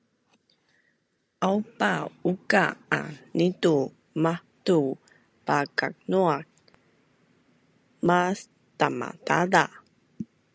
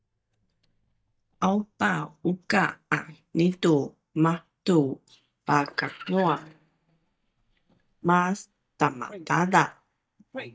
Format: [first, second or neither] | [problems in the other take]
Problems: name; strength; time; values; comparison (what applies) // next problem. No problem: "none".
first | noise reduction (neural mask model DeepFilterNet 3)